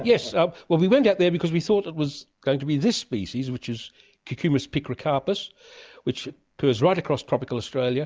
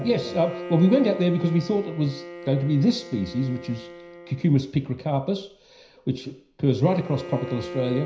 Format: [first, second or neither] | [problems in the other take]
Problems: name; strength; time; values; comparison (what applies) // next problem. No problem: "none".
first | background sound (Bowed string instrument); 14 dB below the speech // room echo; dies away in 0.5 s